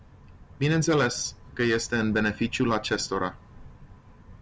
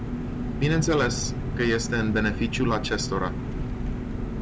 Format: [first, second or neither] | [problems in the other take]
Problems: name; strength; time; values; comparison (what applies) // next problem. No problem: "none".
first | background sound (Engine); 2 dB below the speech